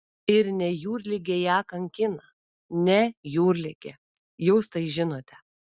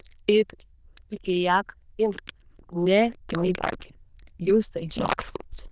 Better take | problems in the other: first | noise reduction (neural diffusion model UNIVERSE++)

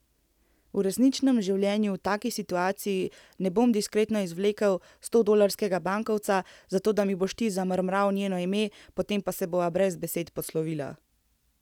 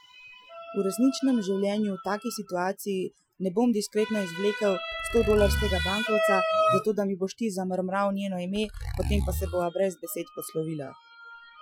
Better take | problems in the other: first | noise reduction (classical method Wiener filter)

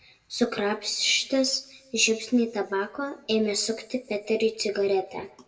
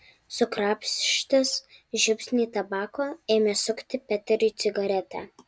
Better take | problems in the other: second | room echo; dies away in 0.6 s

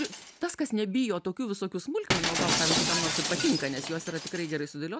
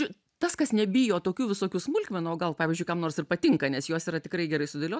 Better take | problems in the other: second | background sound (Shatter); 1 dB below the speech

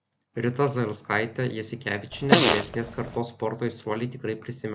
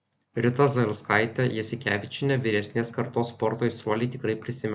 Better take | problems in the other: second | background sound (Fart); 5 dB above the speech

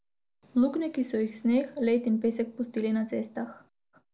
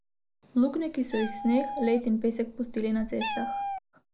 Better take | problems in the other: first | background sound (Meow); 8 dB below the speech

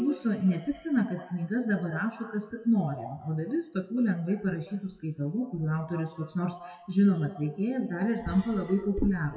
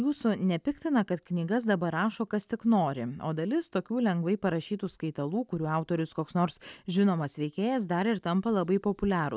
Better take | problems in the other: second | noise reduction (classical method WPE with log-MMSE)

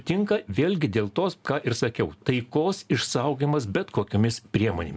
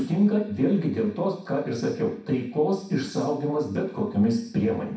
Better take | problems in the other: first | room echo; dies away in 0.6 s

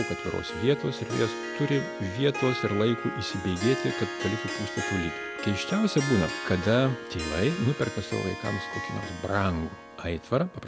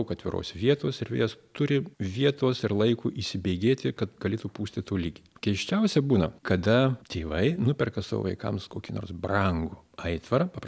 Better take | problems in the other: second | background sound (Harp); 7 dB below the speech

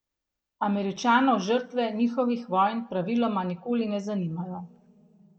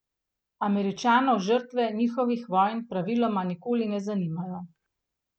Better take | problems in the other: second | room echo; dies away in 0.9 s

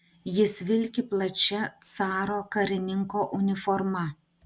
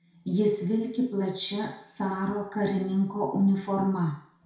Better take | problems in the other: first | room echo; dies away in 0.6 s

